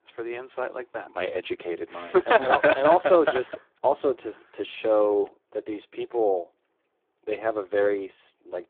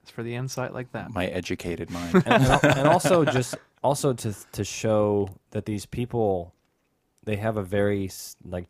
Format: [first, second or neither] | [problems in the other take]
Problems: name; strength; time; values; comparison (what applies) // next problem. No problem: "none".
second | phone-call audio; poor line; nothing above 3.5 kHz